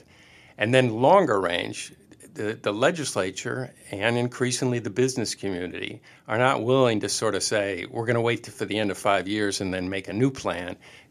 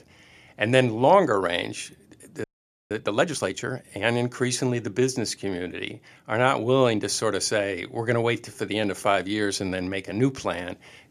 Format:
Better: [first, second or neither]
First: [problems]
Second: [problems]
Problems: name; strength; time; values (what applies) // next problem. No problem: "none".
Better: first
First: none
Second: audio freezing; at 2.5 s